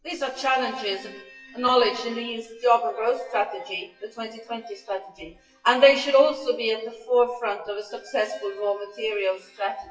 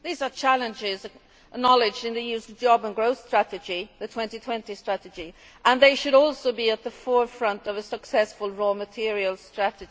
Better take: second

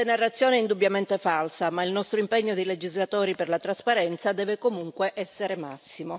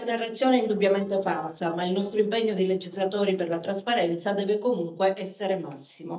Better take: first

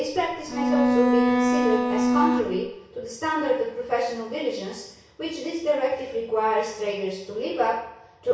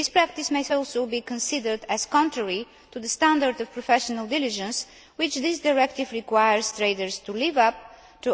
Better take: second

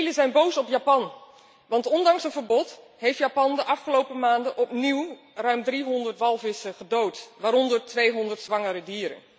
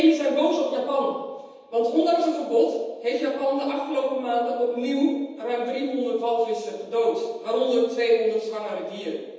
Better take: first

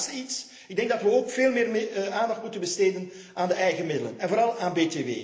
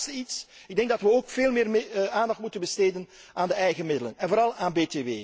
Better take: second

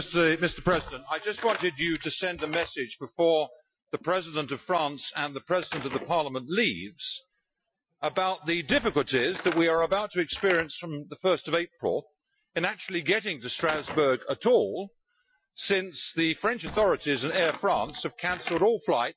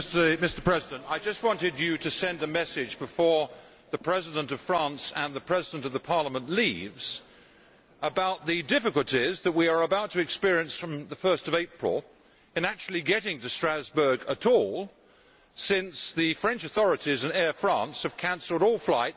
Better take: second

